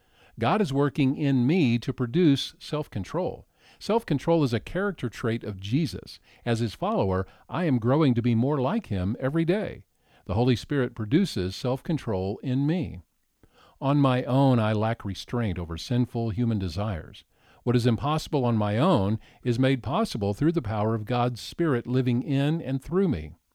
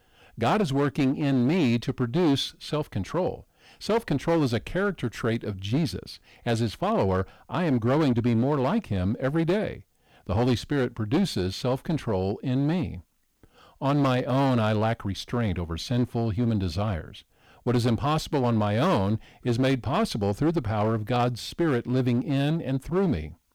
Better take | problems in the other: first | distortion; slight; 10% of the sound clipped

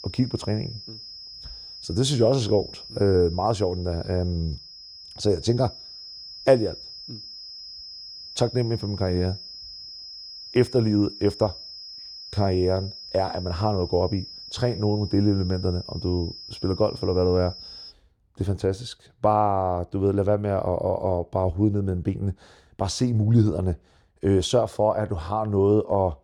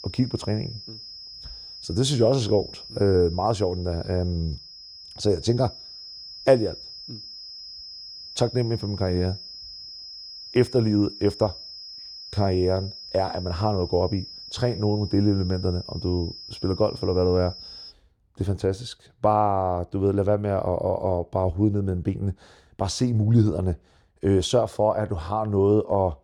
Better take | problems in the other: neither | high-pitched whine; noticeable; until 18 s; 5 kHz, 15 dB below the speech; the same in both

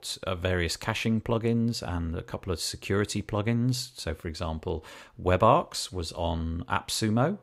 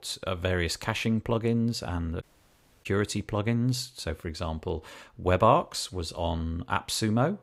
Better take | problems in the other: first | audio cutting out; at 2 s for 0.5 s

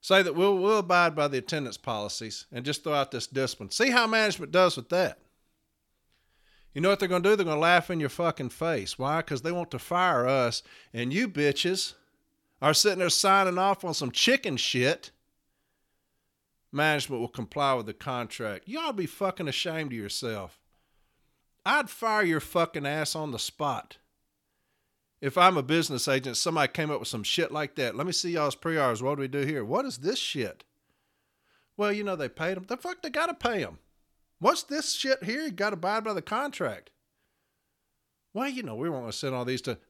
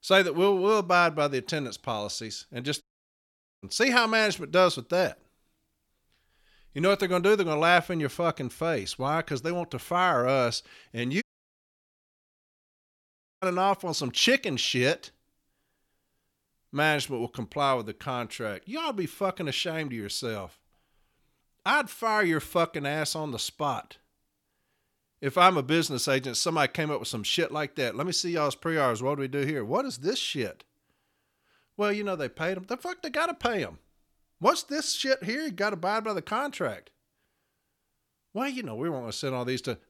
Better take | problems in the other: first | audio cutting out; at 3 s for 1 s and at 11 s for 2 s

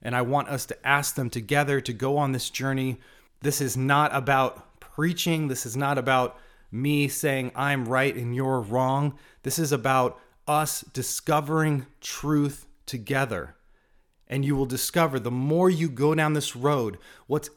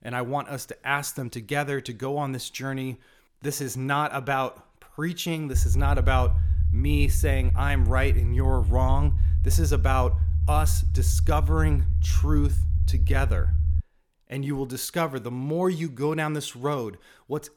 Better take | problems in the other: first | low rumble; noticeable; from 5.5 to 14 s; 15 dB below the speech

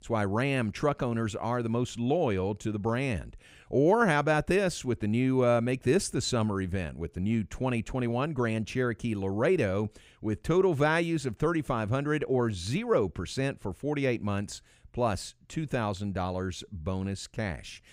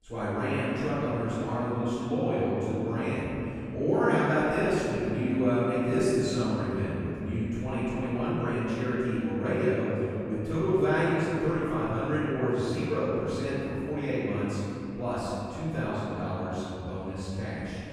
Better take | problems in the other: first | off-mic speech; far // room echo; strong; dies away in 3 s

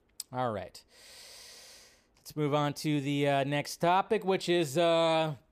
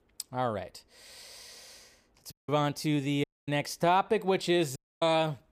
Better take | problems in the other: first | audio cutting out; at 2.5 s, at 3 s and at 5 s

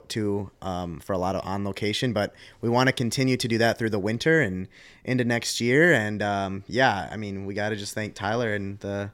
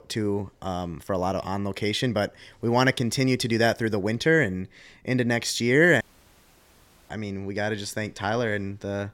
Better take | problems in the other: first | audio cutting out; at 6 s for 1 s

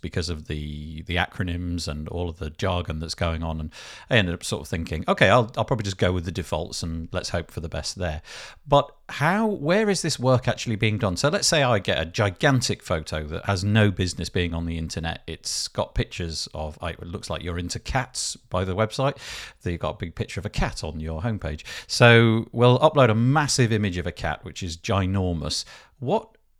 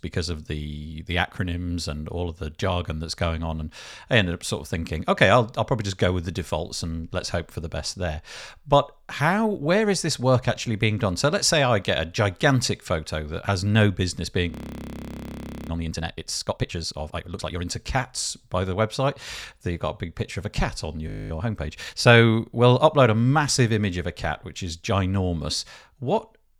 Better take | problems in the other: first | audio freezing; at 15 s for 1 s and at 21 s

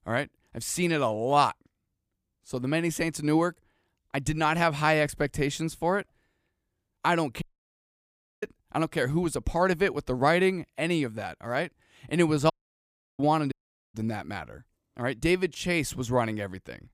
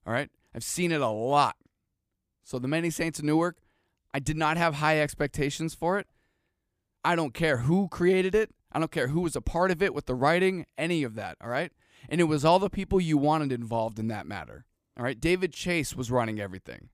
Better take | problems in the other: second | audio cutting out; at 7.5 s for 1 s, at 13 s for 0.5 s and at 14 s

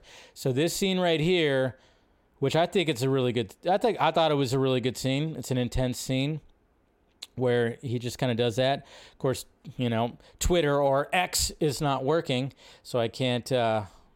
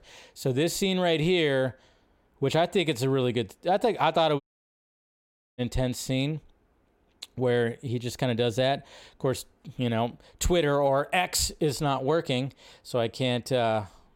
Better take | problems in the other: first | audio cutting out; at 4.5 s for 1 s

